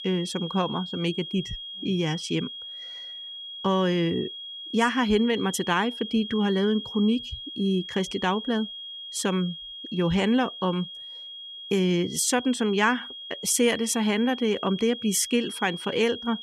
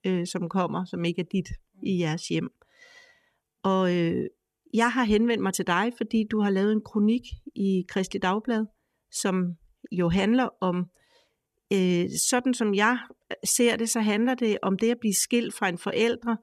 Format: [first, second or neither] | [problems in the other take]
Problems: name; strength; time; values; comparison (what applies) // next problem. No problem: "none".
second | high-pitched whine; noticeable; throughout; 3.5 kHz, 10 dB below the speech